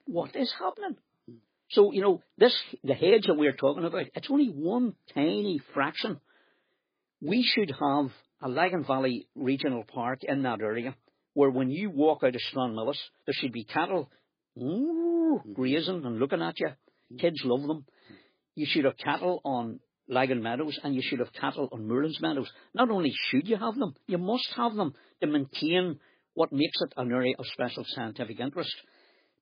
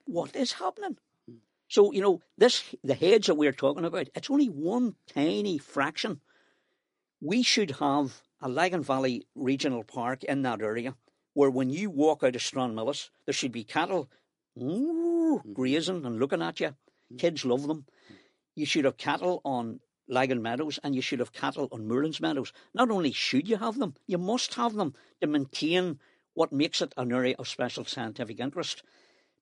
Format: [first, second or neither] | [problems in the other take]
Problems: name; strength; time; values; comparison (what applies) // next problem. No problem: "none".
second | garbled, watery; badly; nothing above 4.5 kHz; slightly in the second